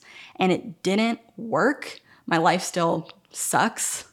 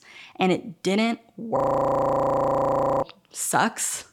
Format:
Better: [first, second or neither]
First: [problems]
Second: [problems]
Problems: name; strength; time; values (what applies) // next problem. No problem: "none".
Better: first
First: none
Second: audio freezing; at 1.5 s for 1.5 s